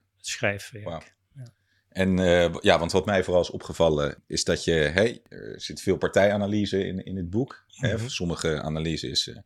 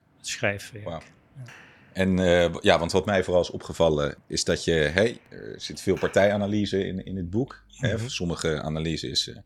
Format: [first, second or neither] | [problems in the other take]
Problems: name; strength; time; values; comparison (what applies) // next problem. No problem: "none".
first | traffic noise; faint; throughout; 30 dB below the speech